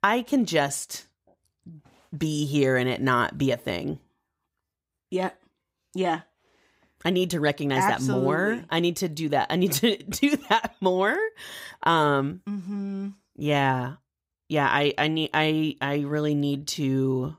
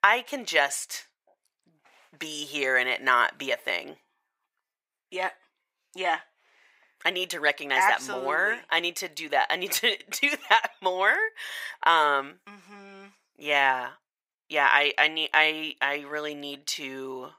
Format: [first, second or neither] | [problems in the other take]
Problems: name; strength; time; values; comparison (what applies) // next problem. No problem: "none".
first | thin; very; fading below 700 Hz